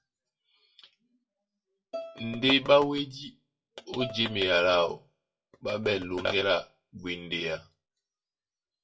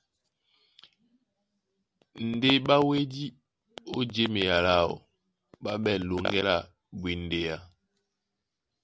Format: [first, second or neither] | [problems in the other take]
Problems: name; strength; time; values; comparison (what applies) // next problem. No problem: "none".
second | noise reduction (classical method WPE with log-MMSE)